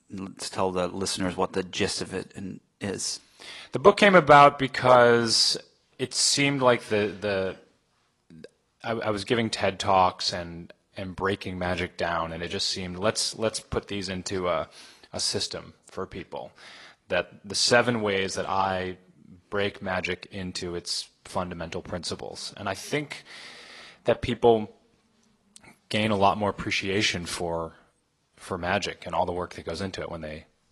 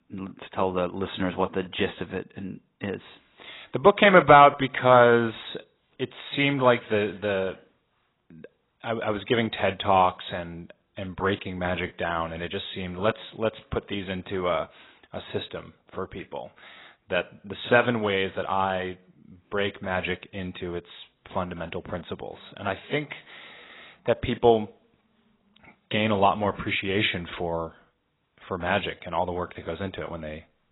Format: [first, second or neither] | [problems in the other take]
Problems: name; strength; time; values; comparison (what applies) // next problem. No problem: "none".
first | garbled, watery; badly; nothing above 4 kHz; slightly in the first